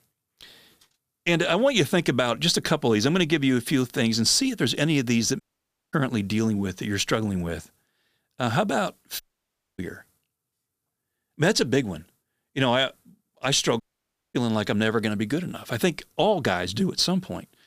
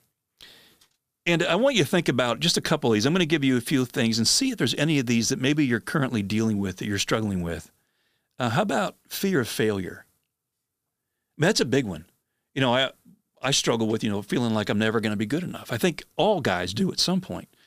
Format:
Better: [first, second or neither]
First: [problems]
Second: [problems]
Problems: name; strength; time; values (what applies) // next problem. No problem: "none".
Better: second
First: audio cutting out; at 5.5 s for 0.5 s, at 9 s for 0.5 s and at 14 s for 0.5 s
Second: none